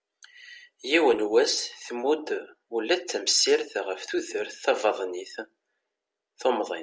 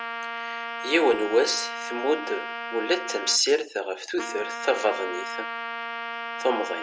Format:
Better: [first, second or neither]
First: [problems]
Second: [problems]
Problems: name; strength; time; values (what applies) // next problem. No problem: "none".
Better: first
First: none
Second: background sound (Trumpet); 7 dB below the speech